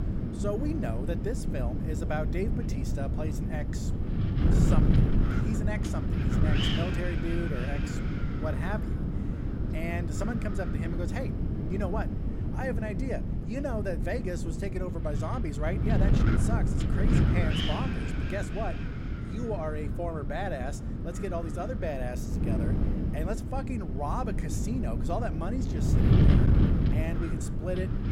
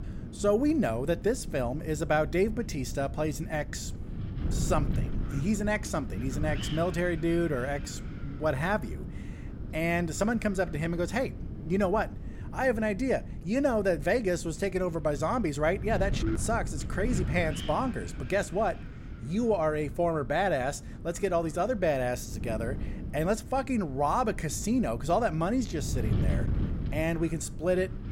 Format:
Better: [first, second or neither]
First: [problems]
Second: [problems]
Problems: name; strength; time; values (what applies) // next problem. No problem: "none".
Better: second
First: wind noise on the microphone; heavy; 1 dB below the speech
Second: wind noise on the microphone; occasional gusts; 15 dB below the speech